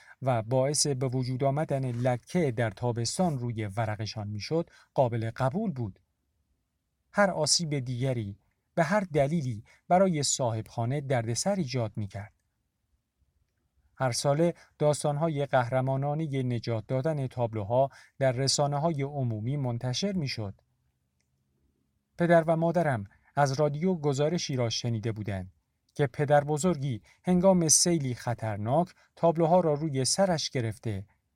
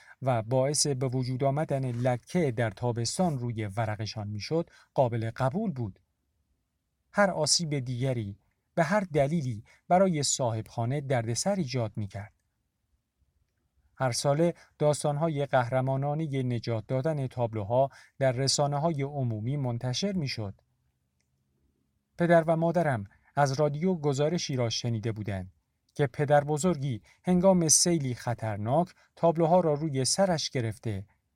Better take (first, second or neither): neither